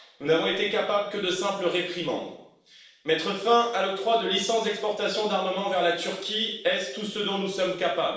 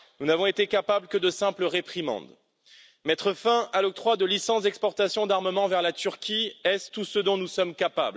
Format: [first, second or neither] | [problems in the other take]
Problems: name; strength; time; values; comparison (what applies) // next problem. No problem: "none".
second | room echo; dies away in 0.7 s